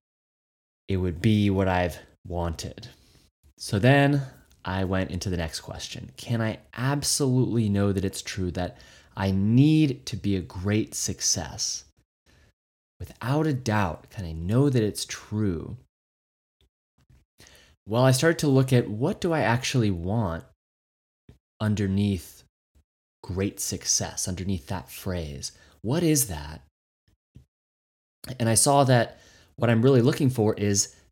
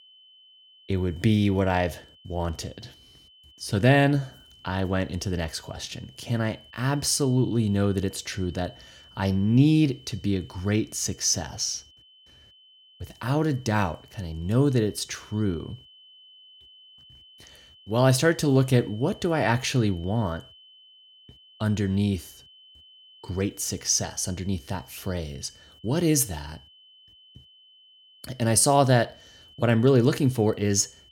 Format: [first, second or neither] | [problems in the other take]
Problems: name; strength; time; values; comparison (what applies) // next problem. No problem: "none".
first | high-pitched whine; faint; throughout; 3 kHz, 25 dB below the speech